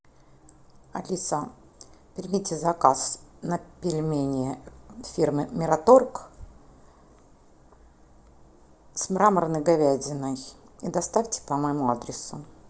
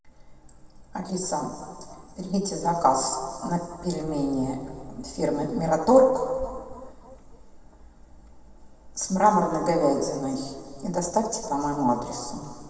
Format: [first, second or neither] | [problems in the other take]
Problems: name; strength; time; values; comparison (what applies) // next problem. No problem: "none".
first | room echo; dies away in 2 s